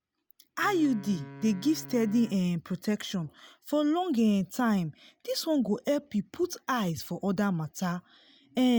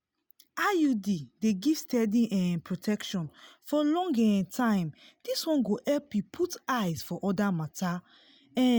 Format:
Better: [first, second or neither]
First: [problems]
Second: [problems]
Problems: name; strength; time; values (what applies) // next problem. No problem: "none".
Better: second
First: background sound (Wind instrument, woodwind instrument); 18 dB below the speech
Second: none